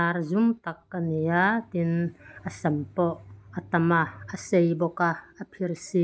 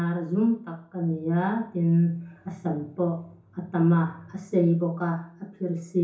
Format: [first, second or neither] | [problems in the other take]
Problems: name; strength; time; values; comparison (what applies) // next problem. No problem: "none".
first | room echo; dies away in 0.6 s